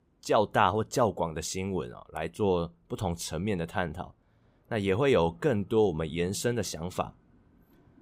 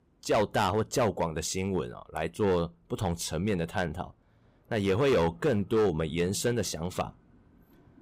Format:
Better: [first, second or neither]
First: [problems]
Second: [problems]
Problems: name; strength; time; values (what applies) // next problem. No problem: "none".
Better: first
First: none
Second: distortion; slight; 5% of the sound clipped